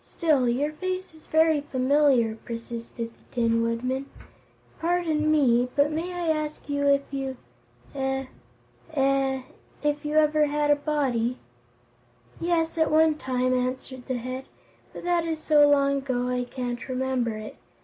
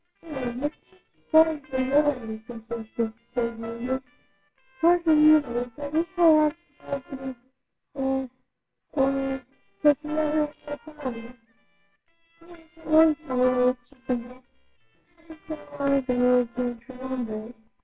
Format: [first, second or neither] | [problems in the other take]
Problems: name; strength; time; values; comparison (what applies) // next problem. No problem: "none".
first | noise reduction (neural separator model SepFormer WHAMR!)